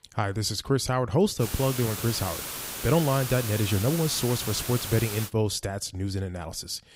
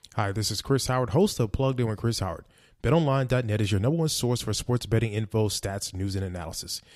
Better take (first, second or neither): second